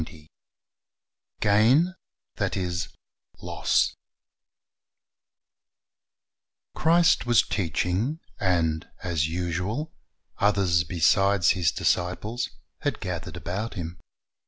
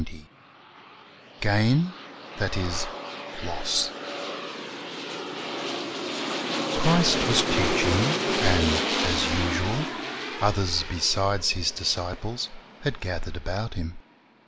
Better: first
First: none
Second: background sound (Aircraft); 3 dB below the speech

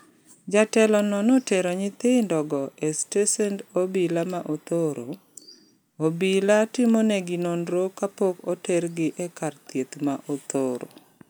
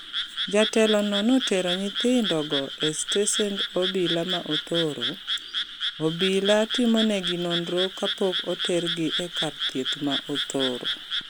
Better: first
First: none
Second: background sound (Frog); 4 dB below the speech

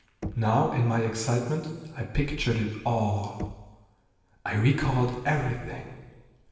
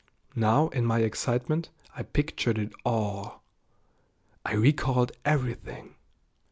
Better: second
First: background sound (Knock); 17 dB below the speech // room echo; dies away in 1.4 s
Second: none

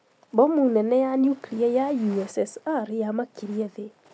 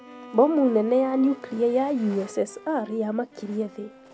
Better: first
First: none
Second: background sound (Wind instrument, woodwind instrument + Bowed string instrument); 20 dB below the speech

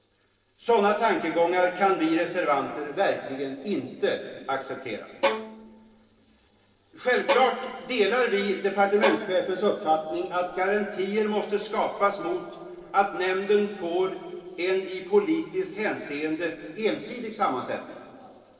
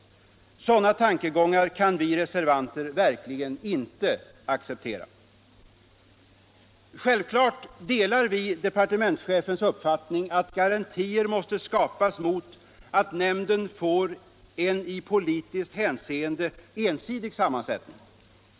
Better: second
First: noise reduction (neural separator model SepFormer DNS4)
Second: none

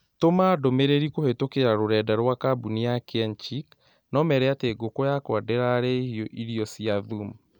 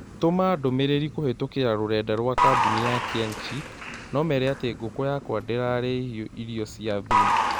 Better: first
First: none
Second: background sound (Applause / Crowd); 3 dB below the speech

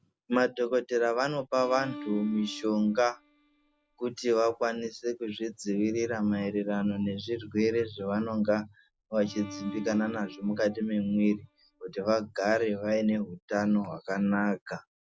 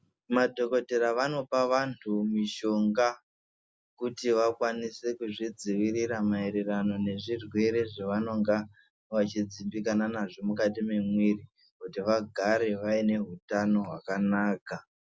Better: second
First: background sound (Bowed string instrument); 18 dB below the speech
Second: none

